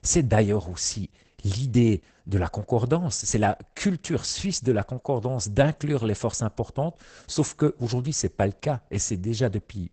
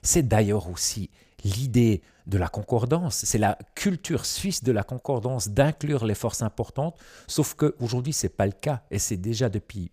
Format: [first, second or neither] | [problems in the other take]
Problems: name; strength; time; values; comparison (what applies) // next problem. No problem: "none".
second | garbled, watery; badly; nothing above 8 kHz